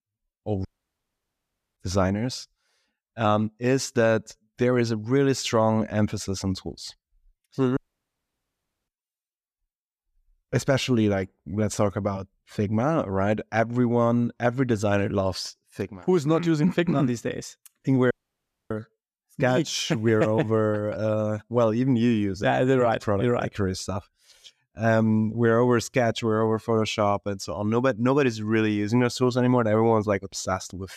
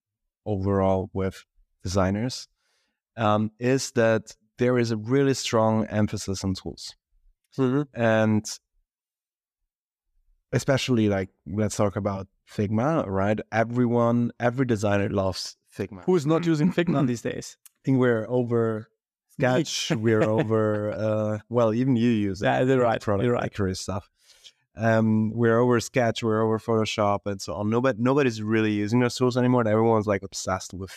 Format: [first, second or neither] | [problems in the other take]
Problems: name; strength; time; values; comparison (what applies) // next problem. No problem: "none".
second | audio cutting out; at 0.5 s for 1 s, at 8 s for 1 s and at 18 s for 0.5 s